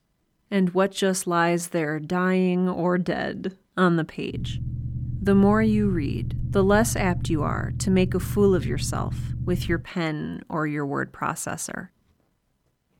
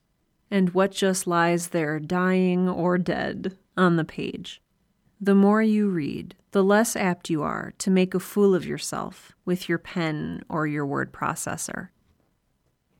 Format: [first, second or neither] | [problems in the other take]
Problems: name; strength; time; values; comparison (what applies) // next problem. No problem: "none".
second | low rumble; noticeable; from 4.5 to 10 s; 15 dB below the speech